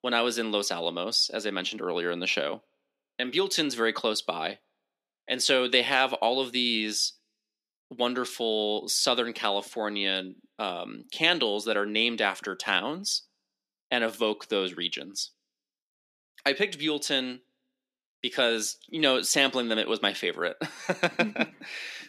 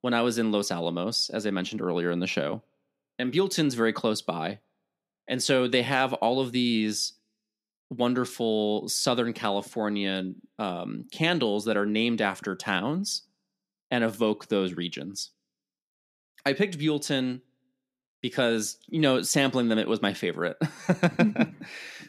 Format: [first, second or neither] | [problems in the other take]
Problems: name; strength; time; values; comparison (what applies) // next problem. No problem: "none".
second | thin; very slightly; fading below 350 Hz